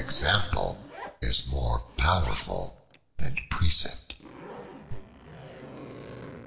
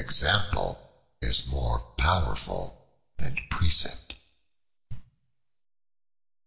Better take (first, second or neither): second